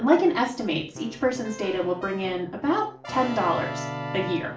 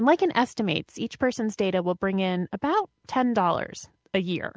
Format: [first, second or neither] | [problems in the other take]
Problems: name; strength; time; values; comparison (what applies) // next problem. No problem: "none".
second | background sound (Keyboard (musical)); 11 dB below the speech // room echo; dies away in 0.4 s